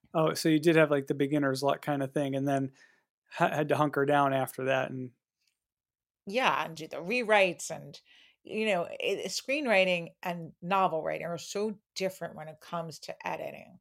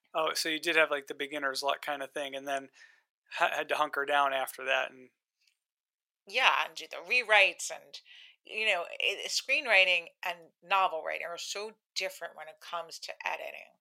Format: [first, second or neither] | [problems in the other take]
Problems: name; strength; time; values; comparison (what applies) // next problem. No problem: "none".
first | thin; very; fading below 700 Hz